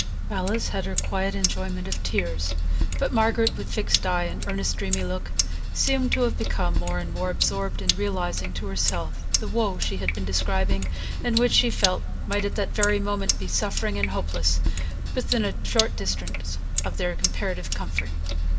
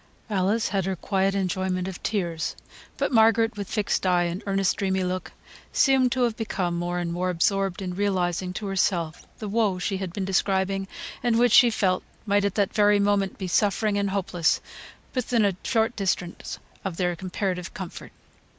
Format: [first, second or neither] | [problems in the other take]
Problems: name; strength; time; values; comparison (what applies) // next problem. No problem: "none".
second | background sound (Sink (filling or washing)); 3 dB above the speech // room echo; dies away in 0.3 s